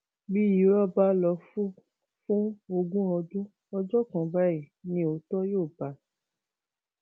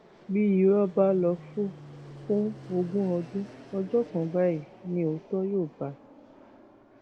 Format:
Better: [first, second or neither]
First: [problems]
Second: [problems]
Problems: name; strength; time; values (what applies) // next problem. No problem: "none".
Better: first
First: none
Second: background sound (Fixed-wing aircraft, airplane); 19 dB below the speech